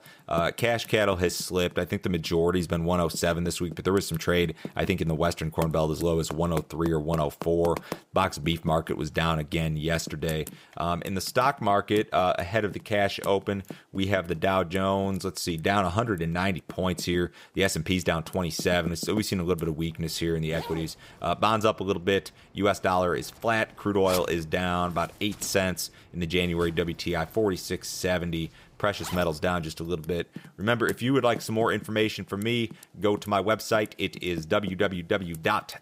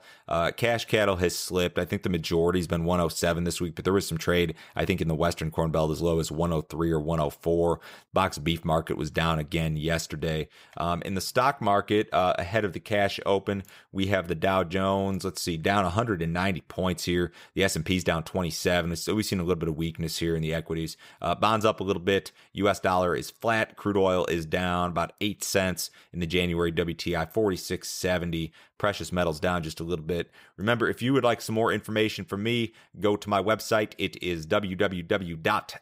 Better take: second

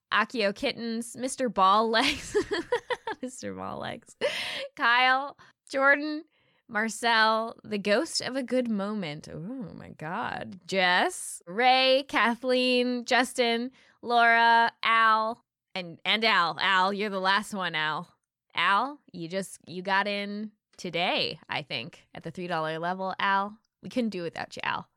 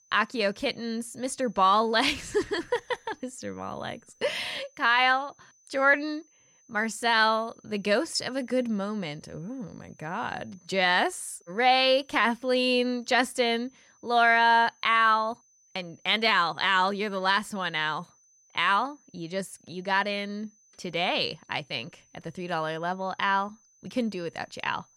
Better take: first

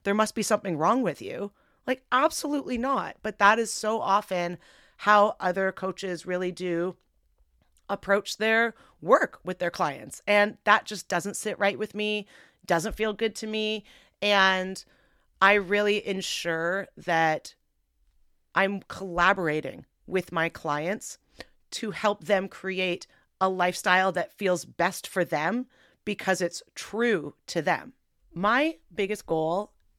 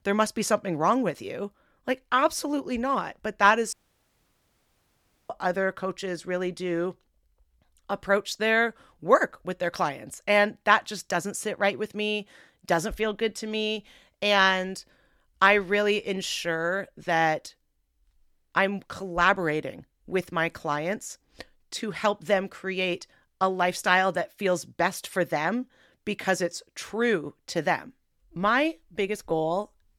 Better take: first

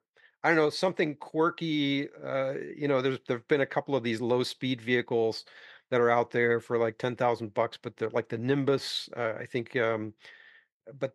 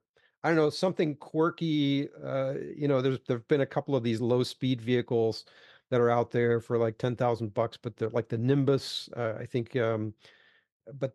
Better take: second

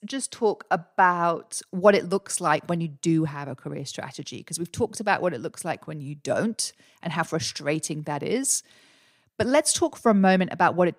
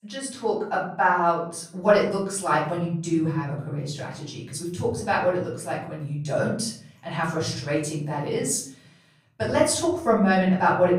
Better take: first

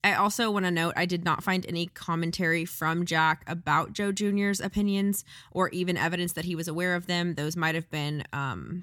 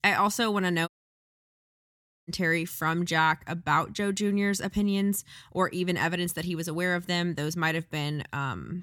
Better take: first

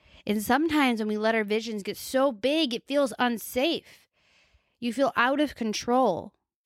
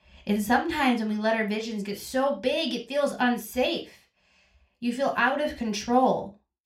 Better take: first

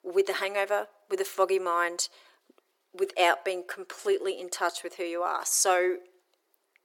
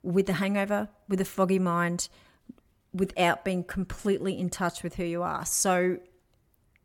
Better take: second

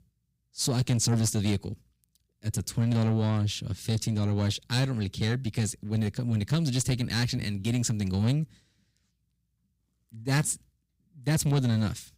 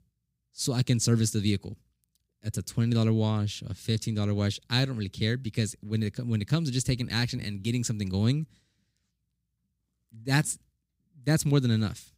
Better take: second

